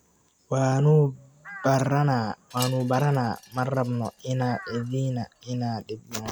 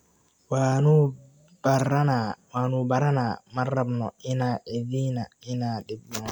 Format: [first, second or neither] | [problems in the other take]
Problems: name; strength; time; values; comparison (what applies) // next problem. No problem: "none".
second | background sound (Crow + Wind chime); 19 dB below the speech